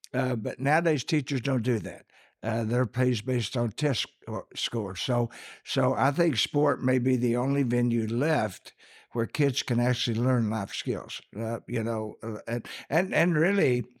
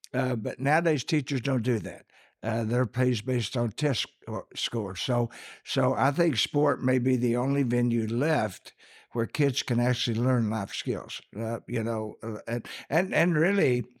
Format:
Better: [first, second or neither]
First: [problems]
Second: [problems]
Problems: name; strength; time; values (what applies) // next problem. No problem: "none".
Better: neither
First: none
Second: none